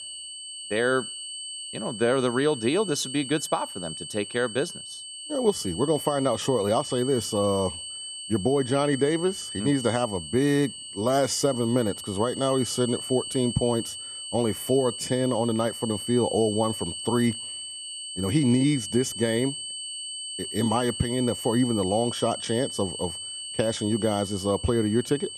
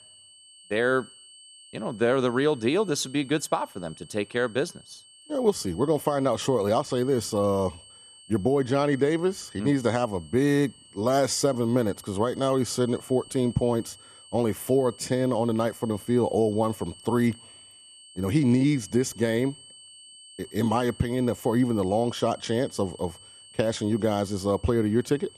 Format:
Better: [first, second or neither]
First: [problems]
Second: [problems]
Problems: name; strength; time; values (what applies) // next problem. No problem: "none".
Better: second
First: high-pitched whine; loud; throughout; 3 kHz, 8 dB below the speech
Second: high-pitched whine; faint; throughout; 3 kHz, 20 dB below the speech